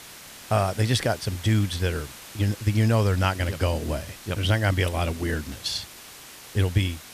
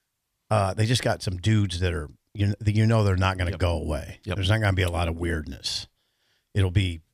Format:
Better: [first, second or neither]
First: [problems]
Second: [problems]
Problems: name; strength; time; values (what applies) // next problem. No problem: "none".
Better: second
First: hiss; noticeable; throughout; 15 dB below the speech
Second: none